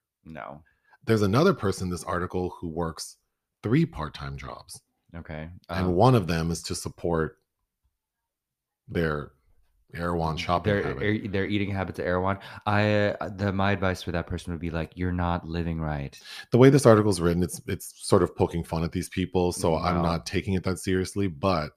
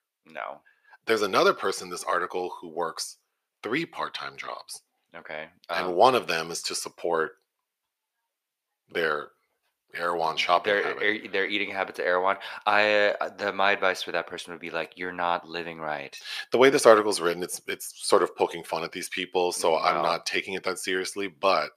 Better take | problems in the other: first | thin; very; fading below 550 Hz

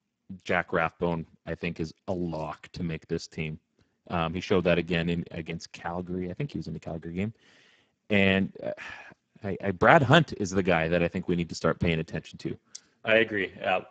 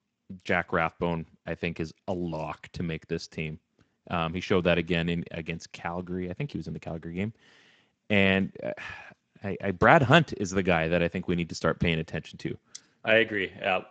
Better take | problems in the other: second | garbled, watery; badly; nothing above 7.5 kHz; slightly in the second

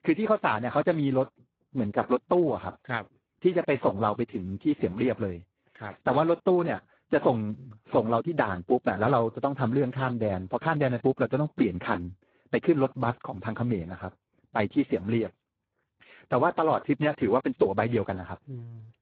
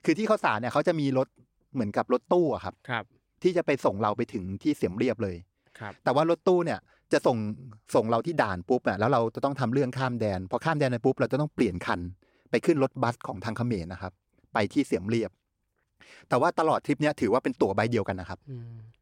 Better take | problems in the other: second | garbled, watery; badly

